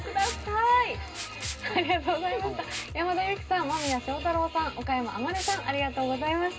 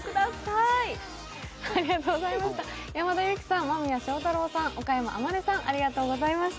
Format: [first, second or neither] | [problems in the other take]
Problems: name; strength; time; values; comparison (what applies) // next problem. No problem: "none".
second | background sound (Liquid); 14 dB below the speech // room echo; dies away in 0.2 s